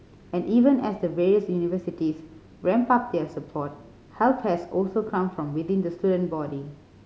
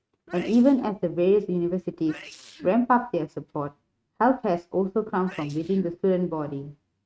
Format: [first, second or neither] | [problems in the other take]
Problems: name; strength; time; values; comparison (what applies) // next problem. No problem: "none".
first | noise reduction (neural mask model RNNoise)